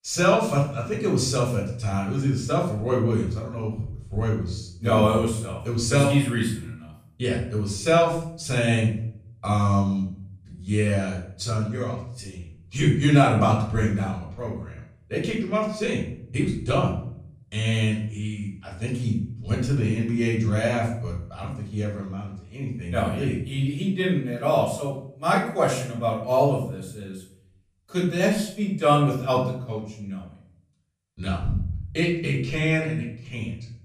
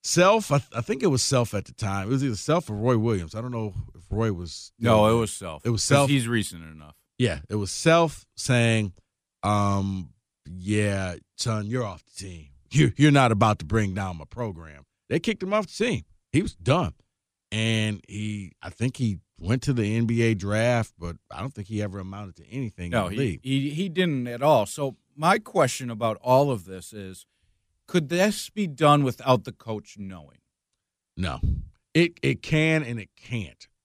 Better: second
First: off-mic speech; far // room echo; noticeable; dies away in 0.5 s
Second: none

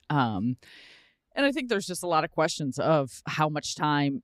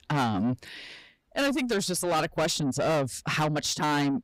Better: first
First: none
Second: distortion; heavy; 6 dB below the speech

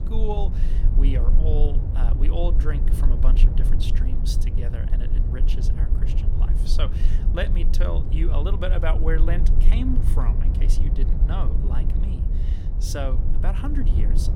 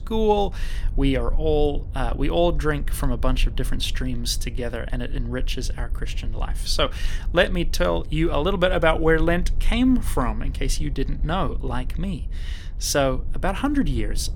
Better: second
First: low rumble; loud; throughout; 6 dB below the speech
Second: low rumble; faint; throughout; 25 dB below the speech

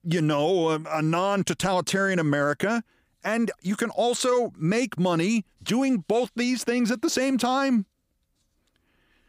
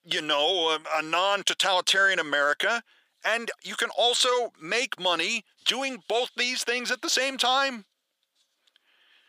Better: first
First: none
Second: thin; very; fading below 600 Hz

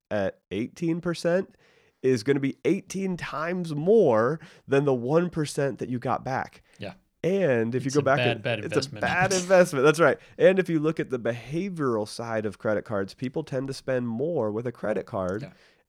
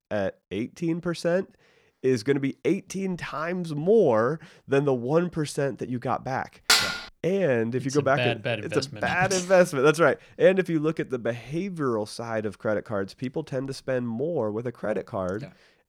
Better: first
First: none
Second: clattering dishes; loud; at 6.5 s; peak 6 dB above the speech

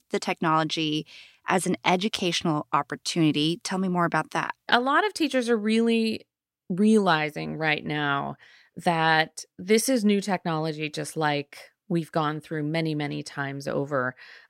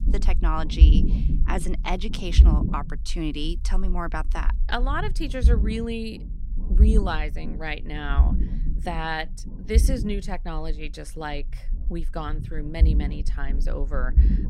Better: first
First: none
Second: low rumble; loud; throughout; 9 dB below the speech

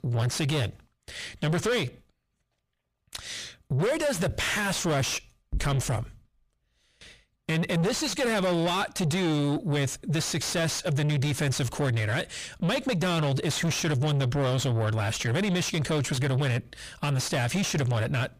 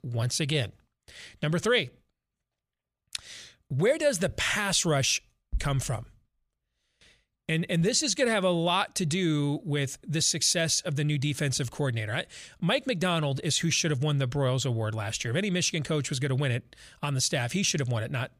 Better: second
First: distortion; heavy; 6 dB below the speech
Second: none

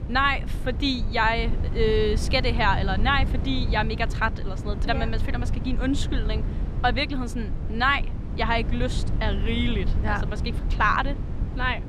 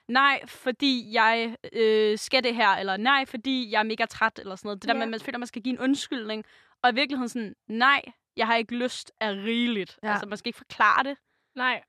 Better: second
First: wind noise on the microphone; occasional gusts; 15 dB below the speech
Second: none

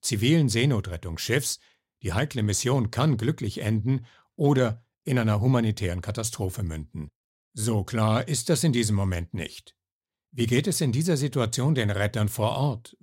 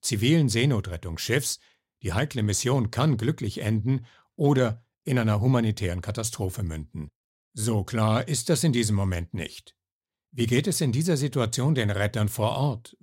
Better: neither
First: none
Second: none

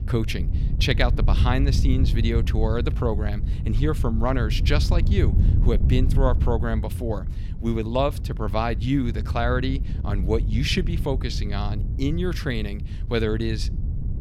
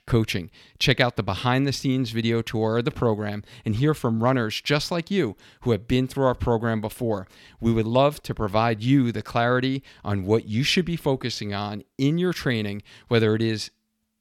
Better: second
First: wind noise on the microphone; occasional gusts; 10 dB below the speech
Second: none

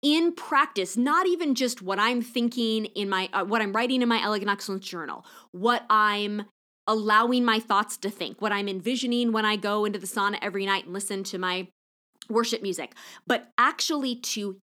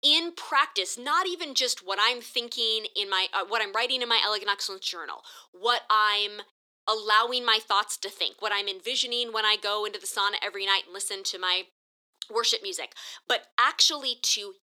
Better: first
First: none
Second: thin; very; fading below 400 Hz

